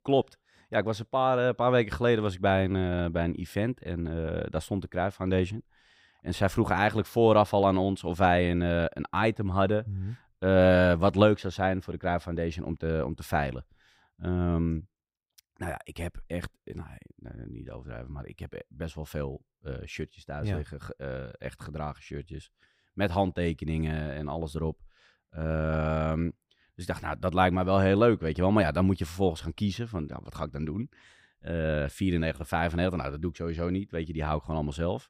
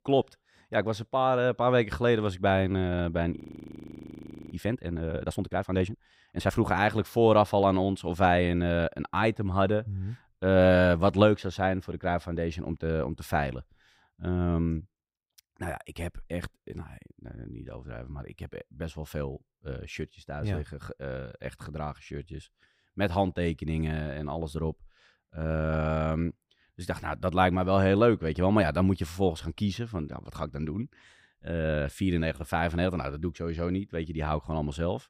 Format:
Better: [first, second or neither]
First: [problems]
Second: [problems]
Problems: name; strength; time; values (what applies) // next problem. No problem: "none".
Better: first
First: none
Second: audio freezing; at 3.5 s for 1 s